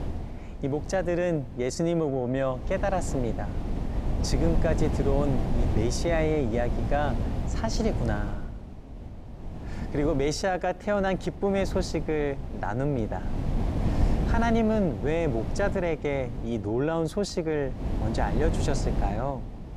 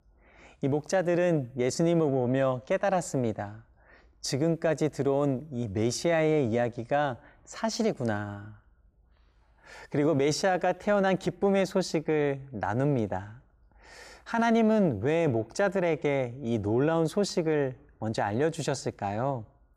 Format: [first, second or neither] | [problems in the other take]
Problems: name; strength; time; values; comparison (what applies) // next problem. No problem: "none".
second | wind noise on the microphone; heavy; 10 dB below the speech